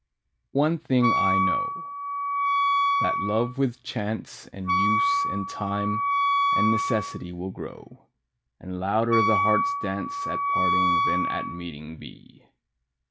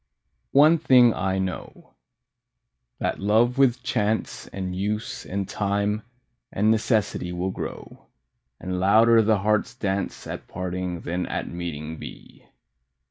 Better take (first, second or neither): second